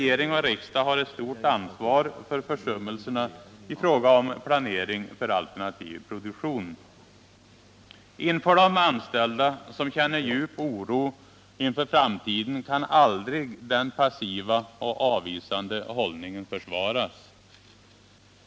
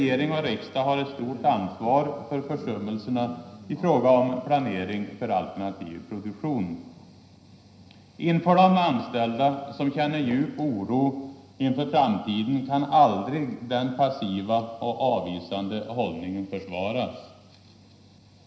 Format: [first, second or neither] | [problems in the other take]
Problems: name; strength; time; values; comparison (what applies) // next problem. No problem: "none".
first | room echo; dies away in 0.9 s